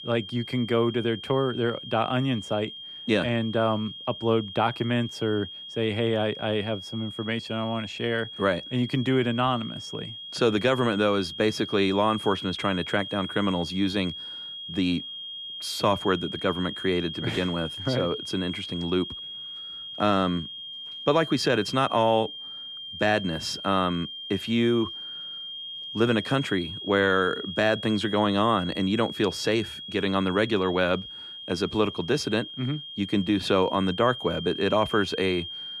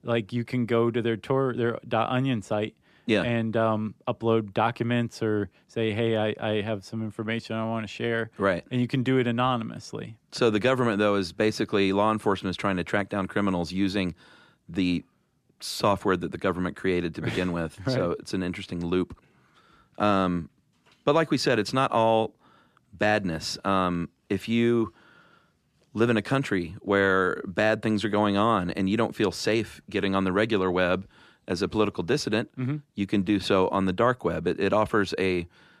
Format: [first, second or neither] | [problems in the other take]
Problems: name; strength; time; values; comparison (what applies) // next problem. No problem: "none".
second | high-pitched whine; loud; throughout; 3.5 kHz, 9 dB below the speech